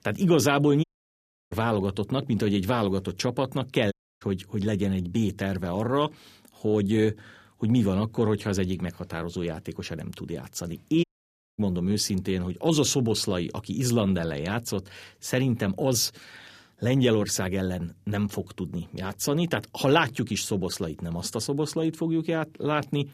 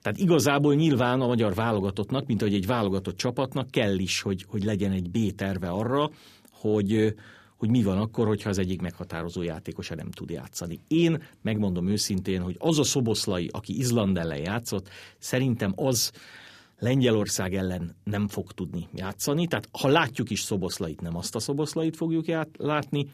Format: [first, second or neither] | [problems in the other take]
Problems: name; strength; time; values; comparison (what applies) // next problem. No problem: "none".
second | audio cutting out; at 1 s for 0.5 s, at 4 s and at 11 s for 0.5 s